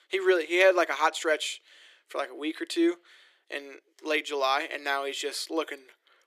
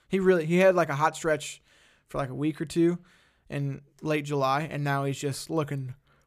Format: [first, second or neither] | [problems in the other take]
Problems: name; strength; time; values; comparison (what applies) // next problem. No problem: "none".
second | thin; very; fading below 300 Hz